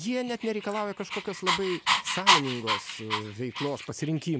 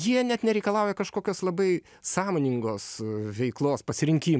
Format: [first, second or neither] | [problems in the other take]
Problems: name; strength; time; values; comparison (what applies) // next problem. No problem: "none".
second | background sound (Dog); 2 dB above the speech